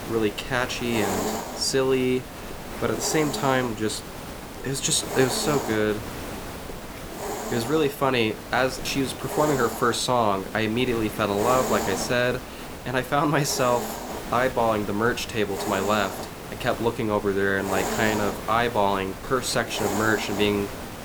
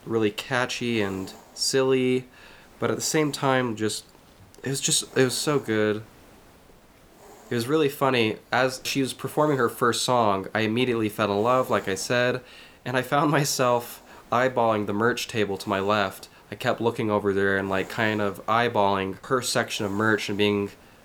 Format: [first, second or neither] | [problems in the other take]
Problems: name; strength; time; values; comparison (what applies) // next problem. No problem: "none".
second | hiss; loud; throughout; 8 dB below the speech; faint in the second